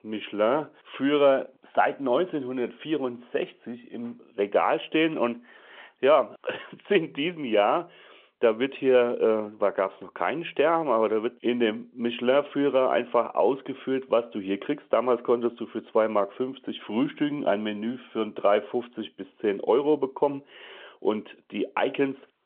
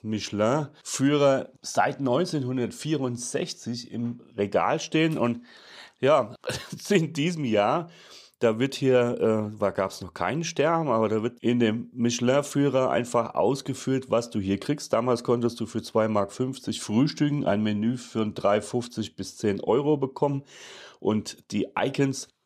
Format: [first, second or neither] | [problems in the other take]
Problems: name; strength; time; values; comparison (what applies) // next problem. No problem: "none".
second | phone-call audio